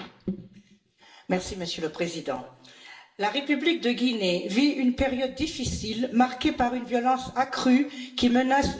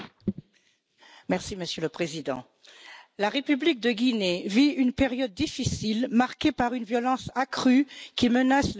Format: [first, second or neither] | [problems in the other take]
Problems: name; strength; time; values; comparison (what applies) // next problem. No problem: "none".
second | room echo; dies away in 0.7 s